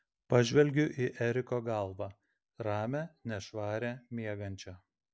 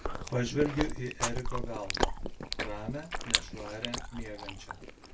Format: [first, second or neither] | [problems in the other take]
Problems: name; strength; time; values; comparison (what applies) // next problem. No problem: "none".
first | background sound (Chewing, mastication); 2 dB above the speech // room echo; dies away in 0.2 s